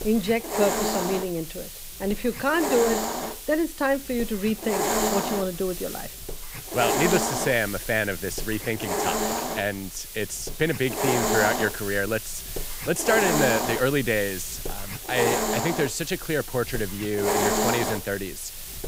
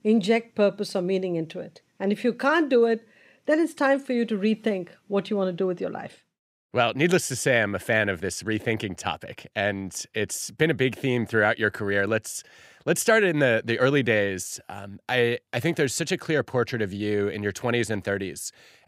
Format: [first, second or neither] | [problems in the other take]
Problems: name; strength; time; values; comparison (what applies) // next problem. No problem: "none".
second | hiss; loud; throughout; 2 dB below the speech